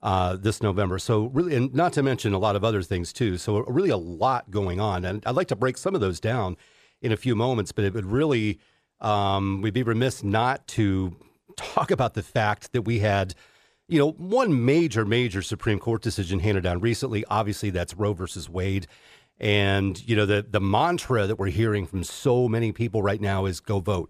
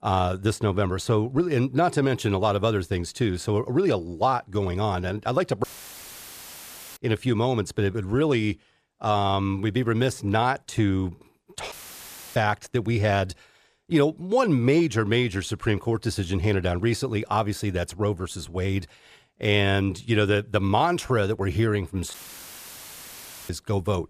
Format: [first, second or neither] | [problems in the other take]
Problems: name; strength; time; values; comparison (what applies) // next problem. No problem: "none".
first | audio cutting out; filled with static; at 5.5 s for 1.5 s, at 12 s for 0.5 s and at 22 s for 1.5 s